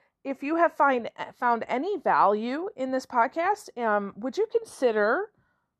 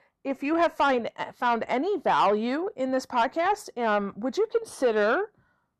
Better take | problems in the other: first | distortion; slight; 10 dB below the speech

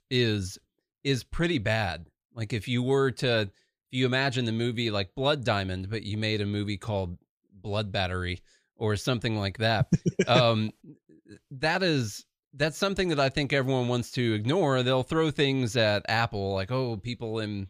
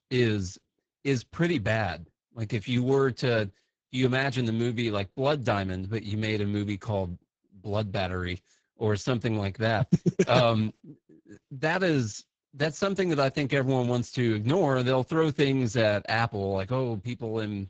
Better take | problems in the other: first | garbled, watery; badly; nothing above 7.5 kHz

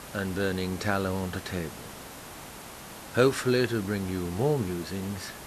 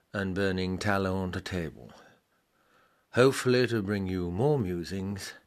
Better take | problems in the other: second | hiss; noticeable; throughout; 15 dB below the speech

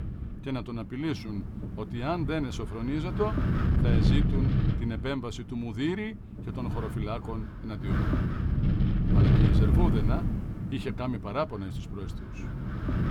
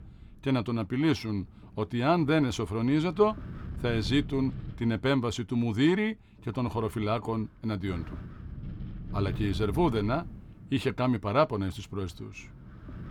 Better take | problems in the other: second | wind noise on the microphone; heavy; 2 dB below the speech; occasional gusts in the second

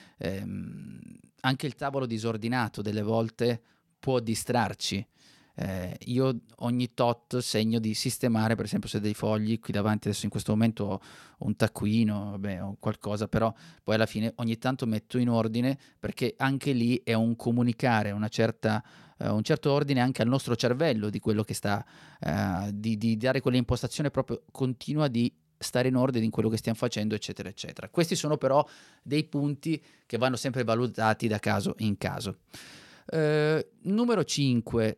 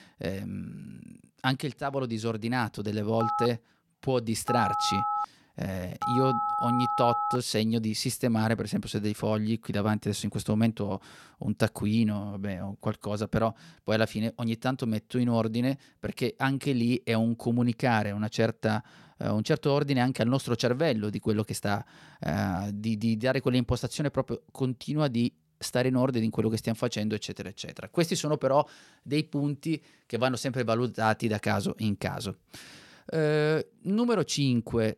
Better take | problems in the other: first | phone ringing; loud; from 3 to 7.5 s; peak 1 dB above the speech

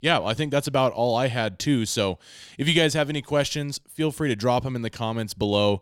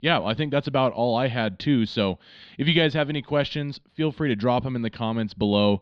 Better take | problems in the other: first | muffled; slightly; fading above 4 kHz

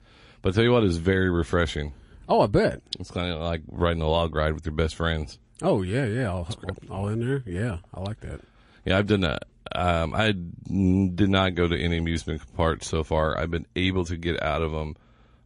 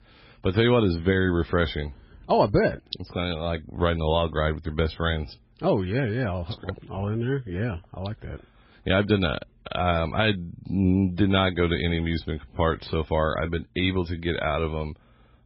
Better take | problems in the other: first | garbled, watery; badly; nothing above 5 kHz; slightly in the first

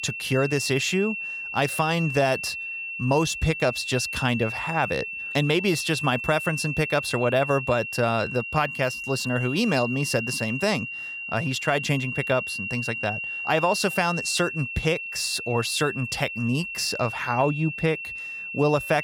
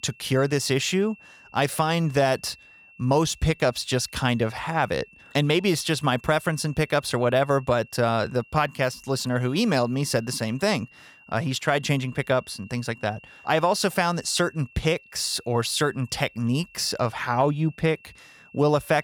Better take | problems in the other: second | high-pitched whine; loud; throughout; 2.5 kHz, 5 dB below the speech; faint in the second

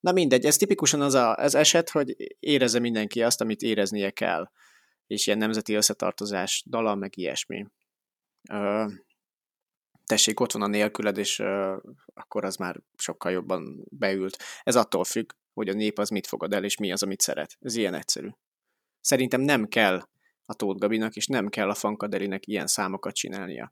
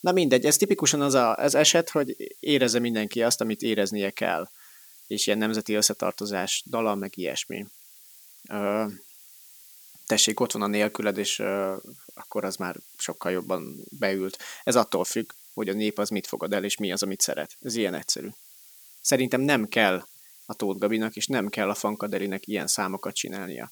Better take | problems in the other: first | hiss; faint; throughout; 20 dB below the speech

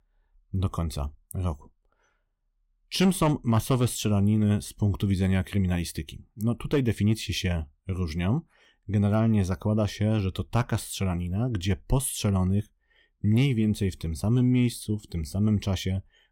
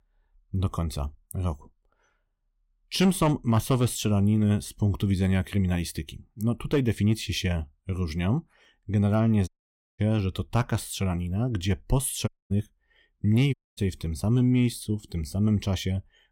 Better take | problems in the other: first | audio cutting out; at 9.5 s for 0.5 s, at 12 s and at 14 s

